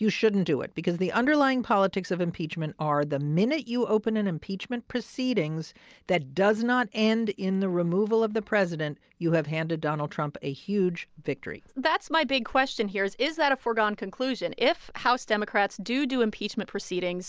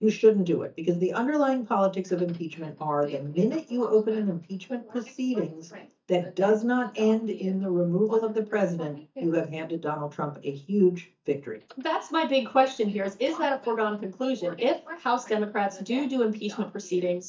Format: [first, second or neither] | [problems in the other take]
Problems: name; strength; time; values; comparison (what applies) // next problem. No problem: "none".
first | noise reduction (neural mask model DeepFilterNet 3)